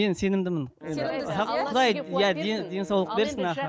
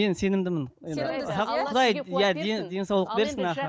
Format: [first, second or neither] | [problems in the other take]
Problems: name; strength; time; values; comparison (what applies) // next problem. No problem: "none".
second | background sound (Wind instrument, woodwind instrument); 17 dB below the speech